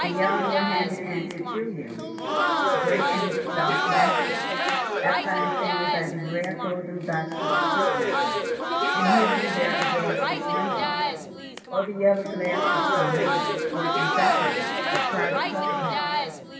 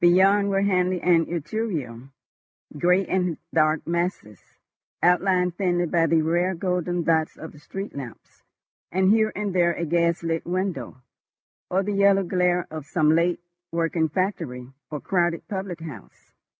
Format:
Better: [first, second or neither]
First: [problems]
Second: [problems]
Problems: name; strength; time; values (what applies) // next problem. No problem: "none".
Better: second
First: background sound (Crowd); 4 dB above the speech // room echo; dies away in 2.6 s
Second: none